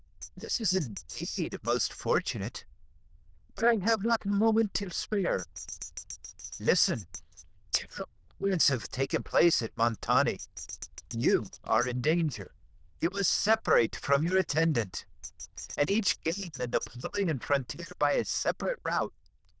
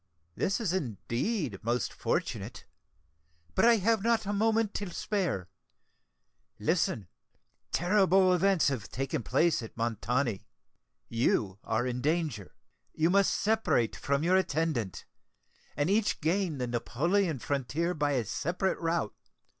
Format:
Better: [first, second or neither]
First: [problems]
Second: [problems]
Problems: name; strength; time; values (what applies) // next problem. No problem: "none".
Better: second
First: noise reduction (neural diffusion model UNIVERSE++)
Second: none